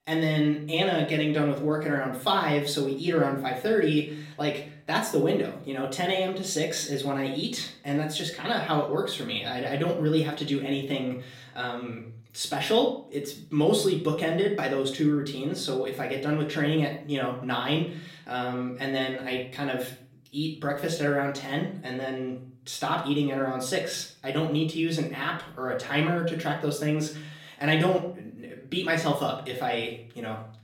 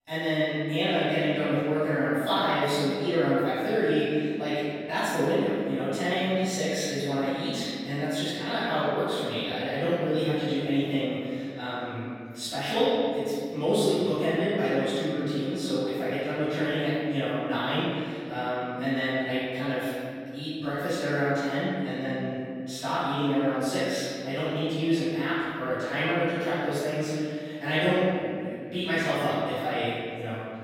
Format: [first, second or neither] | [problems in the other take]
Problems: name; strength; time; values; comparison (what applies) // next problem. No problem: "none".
first | room echo; strong; dies away in 2.2 s; slight in the first // off-mic speech; far; far in the first